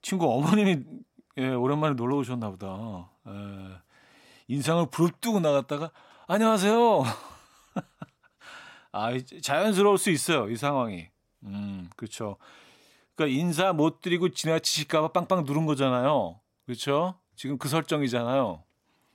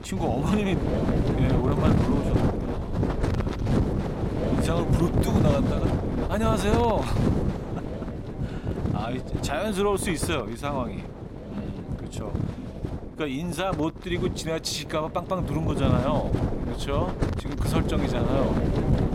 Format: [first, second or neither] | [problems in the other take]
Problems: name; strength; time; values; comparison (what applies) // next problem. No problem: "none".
first | wind noise on the microphone; heavy; 3 dB below the speech